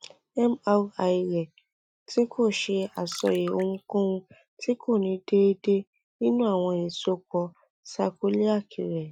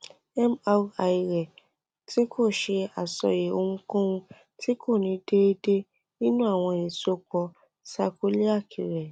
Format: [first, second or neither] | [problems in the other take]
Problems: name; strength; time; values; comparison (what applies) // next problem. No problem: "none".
second | noise reduction (classical method Wiener filter)